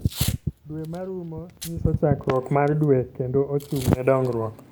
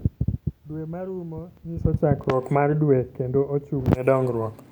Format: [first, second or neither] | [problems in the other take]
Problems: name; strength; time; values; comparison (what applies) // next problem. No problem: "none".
second | background sound (Packing tape, duct tape / Tearing); 18 dB below the speech